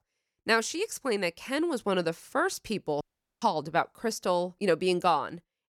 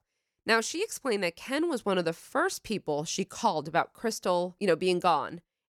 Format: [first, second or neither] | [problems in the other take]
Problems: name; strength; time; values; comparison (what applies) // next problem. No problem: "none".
second | audio cutting out; at 3 s